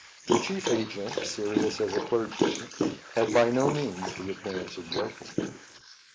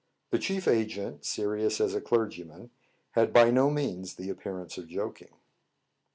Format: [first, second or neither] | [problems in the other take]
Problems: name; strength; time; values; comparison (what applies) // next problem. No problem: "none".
second | noise reduction (neural mask model Resemble Enhance denoiser)